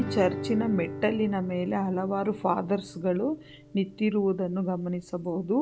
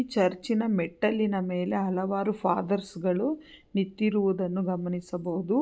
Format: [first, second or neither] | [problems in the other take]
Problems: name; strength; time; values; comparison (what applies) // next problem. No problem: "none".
second | background sound (Guitar); 12 dB below the speech